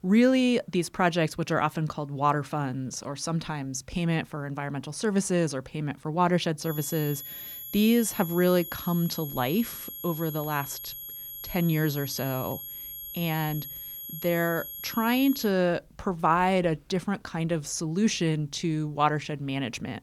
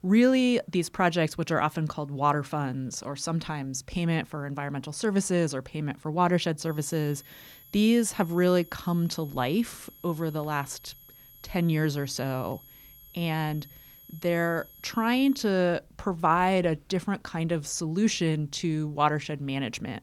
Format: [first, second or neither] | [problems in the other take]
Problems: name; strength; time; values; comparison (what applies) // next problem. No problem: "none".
second | high-pitched whine; loud; from 6.5 to 15 s; 11.5 kHz, 9 dB below the speech; faint in the second